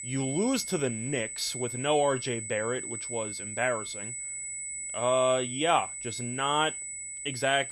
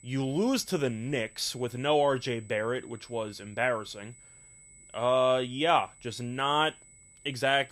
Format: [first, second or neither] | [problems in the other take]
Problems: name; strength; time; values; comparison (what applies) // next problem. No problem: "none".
second | high-pitched whine; loud; throughout; 8 kHz, 6 dB below the speech; faint in the second